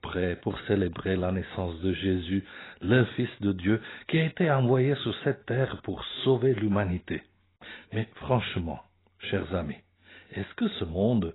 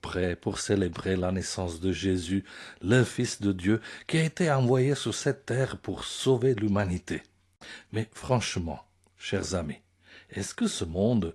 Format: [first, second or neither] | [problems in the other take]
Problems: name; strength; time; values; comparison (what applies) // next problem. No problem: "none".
second | garbled, watery; badly; nothing above 4 kHz; slightly in the second